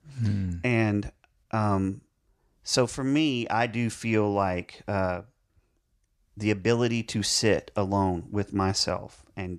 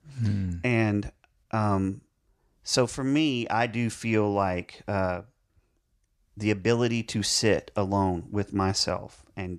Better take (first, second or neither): neither